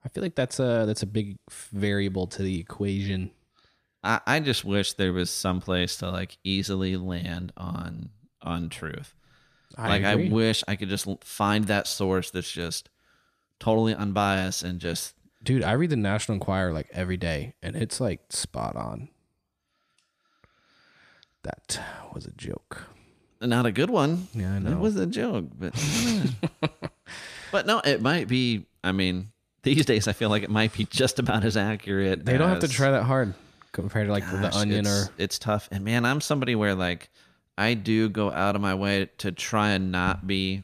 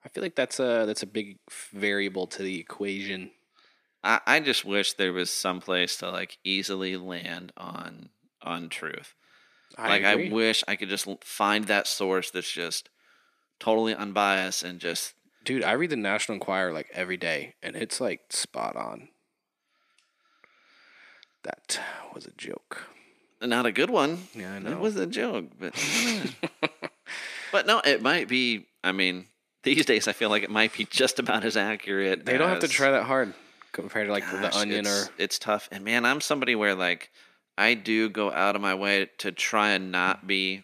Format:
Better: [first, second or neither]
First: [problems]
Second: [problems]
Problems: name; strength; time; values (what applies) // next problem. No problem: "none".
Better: first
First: none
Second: thin; somewhat; fading below 250 Hz